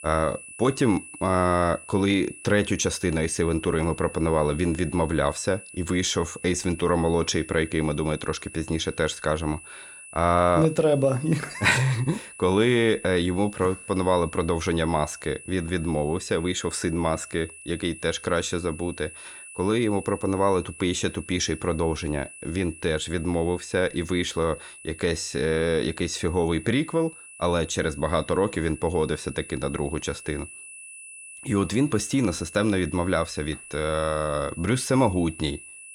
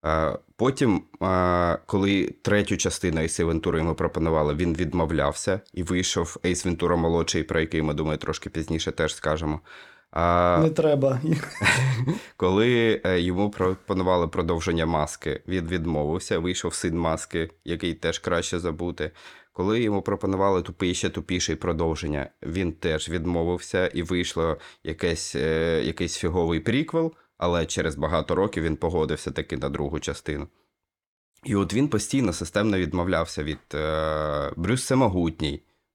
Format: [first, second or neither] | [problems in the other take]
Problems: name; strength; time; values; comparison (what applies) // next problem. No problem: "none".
second | high-pitched whine; noticeable; throughout; 2.5 kHz, 15 dB below the speech